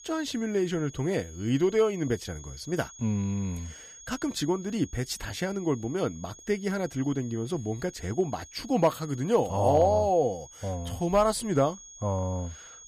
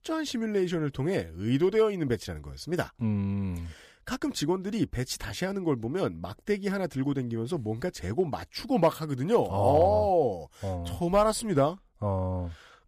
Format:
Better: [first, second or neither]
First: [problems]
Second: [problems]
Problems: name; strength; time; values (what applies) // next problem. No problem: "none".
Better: second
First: high-pitched whine; noticeable; throughout; 6.5 kHz, 20 dB below the speech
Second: none